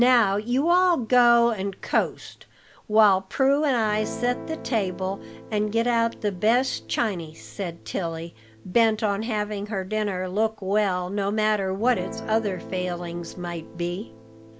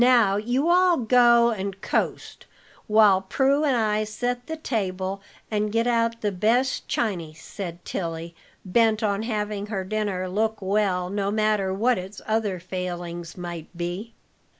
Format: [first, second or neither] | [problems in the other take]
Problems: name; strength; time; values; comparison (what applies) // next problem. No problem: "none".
second | background sound (Guitar); 17 dB below the speech